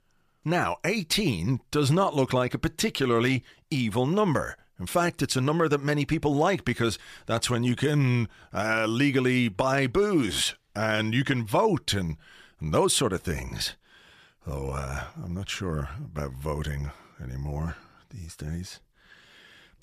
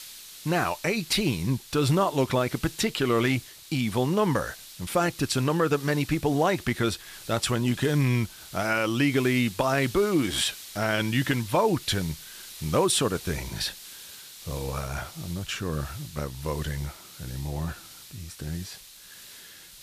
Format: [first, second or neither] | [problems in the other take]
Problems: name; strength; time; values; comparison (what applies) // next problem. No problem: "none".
first | hiss; noticeable; throughout; 15 dB below the speech